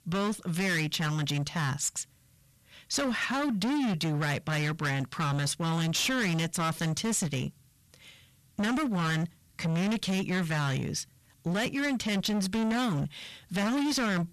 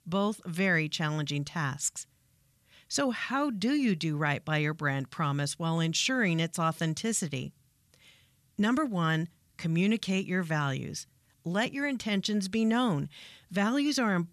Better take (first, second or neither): second